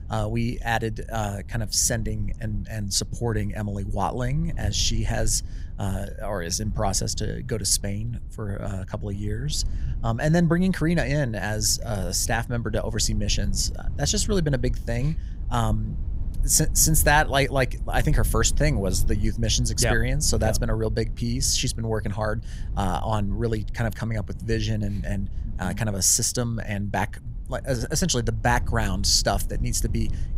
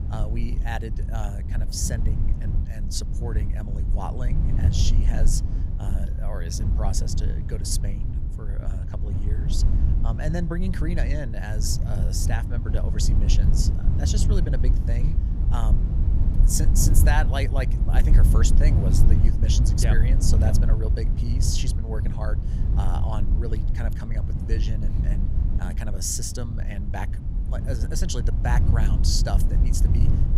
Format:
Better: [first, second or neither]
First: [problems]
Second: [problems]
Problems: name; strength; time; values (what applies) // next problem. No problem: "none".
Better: first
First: low rumble; faint; throughout; 25 dB below the speech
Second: low rumble; loud; throughout; 6 dB below the speech